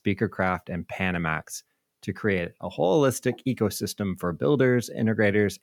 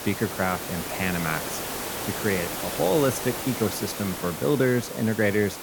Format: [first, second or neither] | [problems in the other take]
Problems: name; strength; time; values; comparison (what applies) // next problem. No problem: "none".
first | hiss; loud; throughout; 5 dB below the speech